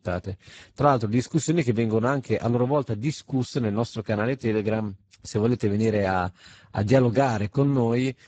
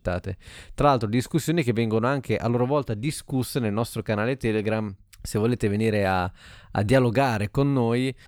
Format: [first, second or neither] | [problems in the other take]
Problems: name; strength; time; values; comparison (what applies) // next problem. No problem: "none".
second | garbled, watery; badly; nothing above 7.5 kHz